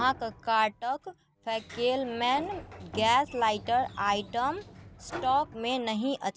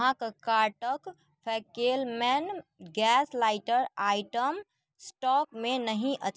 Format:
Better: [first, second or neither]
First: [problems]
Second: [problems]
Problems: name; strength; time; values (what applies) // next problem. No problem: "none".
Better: second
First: background sound (Sliding door); 16 dB below the speech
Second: none